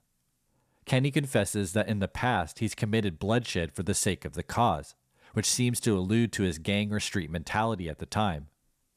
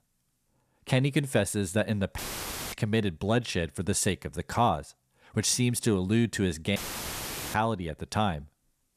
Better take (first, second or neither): first